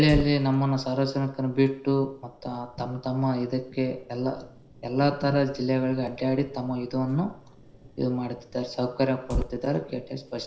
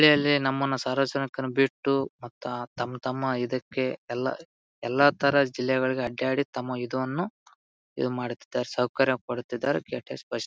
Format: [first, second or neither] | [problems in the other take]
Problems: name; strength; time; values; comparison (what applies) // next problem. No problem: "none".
second | noise reduction (neural separator model SepFormer DNS4)